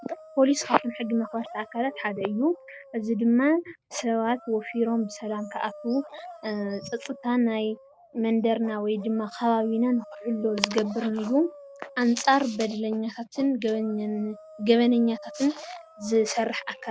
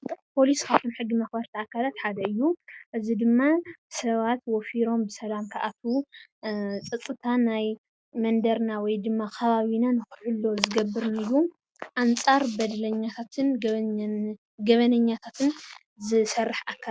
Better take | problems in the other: second | background sound (Dog); 19 dB below the speech

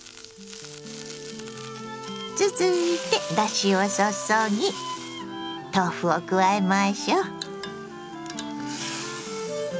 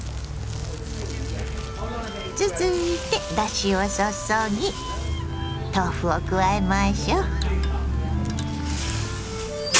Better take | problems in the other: first | background sound (Bus); 1 dB below the speech

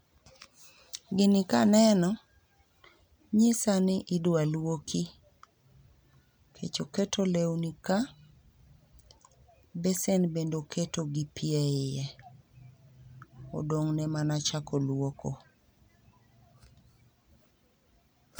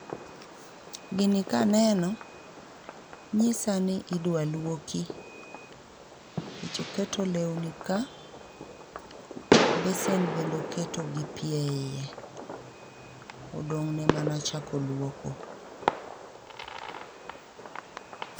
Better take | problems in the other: first | background sound (Fireworks); 3 dB below the speech

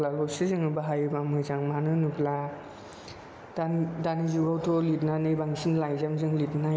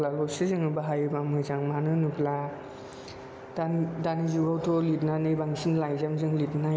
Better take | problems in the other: first | background sound (Wind instrument, woodwind instrument); 19 dB below the speech

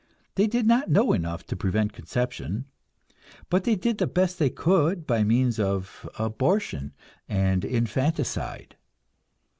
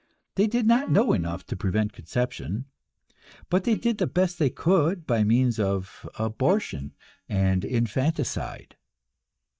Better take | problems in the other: first | noise reduction (neural mask model DeepFilterNet 3)

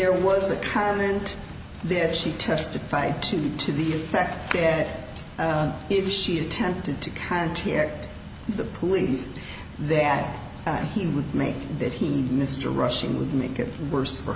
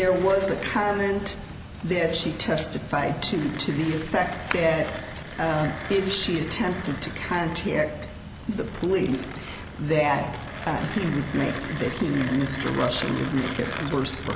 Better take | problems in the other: first | background sound (Mechanisms); 13 dB below the speech

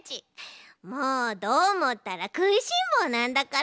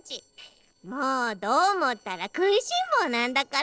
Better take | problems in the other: first | noise reduction (neural separator model SepFormer DNS4)

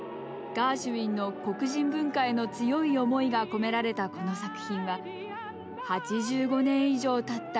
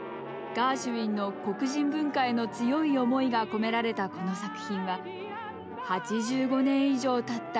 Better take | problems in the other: first | background sound (Trumpet); 19 dB below the speech

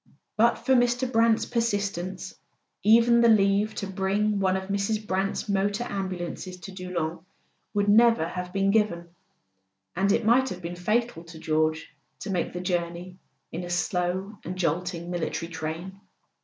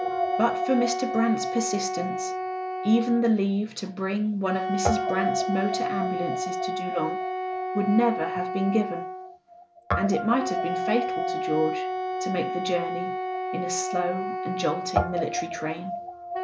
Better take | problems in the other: first | background sound (Wind instrument, woodwind instrument + Guitar); 1 dB below the speech

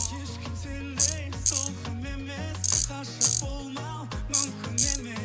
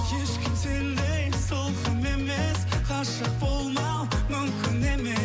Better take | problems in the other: second | background sound (Tools); 2 dB above the speech

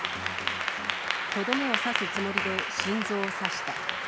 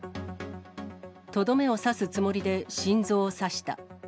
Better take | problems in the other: second | background sound (Applause / Clapping); 3 dB above the speech

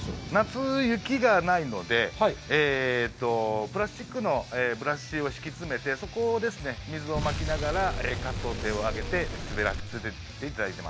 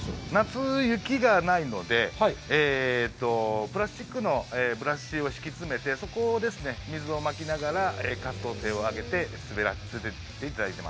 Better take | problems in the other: second | background sound (Explosion); 6 dB below the speech

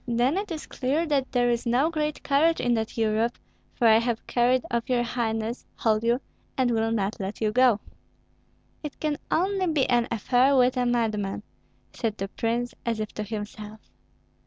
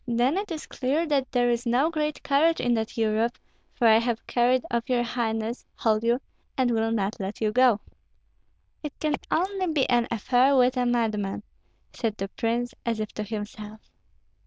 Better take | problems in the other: first | noise reduction (neural diffusion model UNIVERSE++)

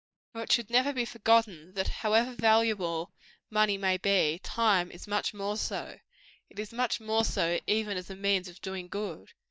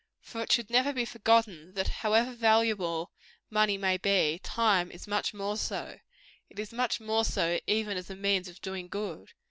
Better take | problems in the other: second | noise reduction (neural mask model DeepFilterNet 3)

